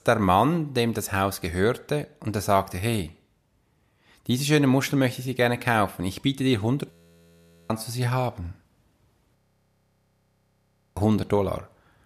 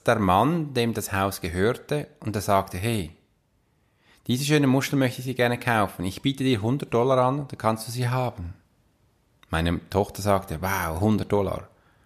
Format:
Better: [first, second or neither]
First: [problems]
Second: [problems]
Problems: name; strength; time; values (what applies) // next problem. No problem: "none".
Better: second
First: audio freezing; at 7 s for 1 s and at 9.5 s for 1.5 s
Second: none